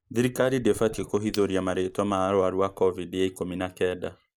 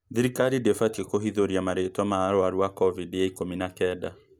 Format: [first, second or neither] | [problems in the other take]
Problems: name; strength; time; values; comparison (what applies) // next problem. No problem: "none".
second | noise reduction (neural mask model Resemble Enhance denoiser)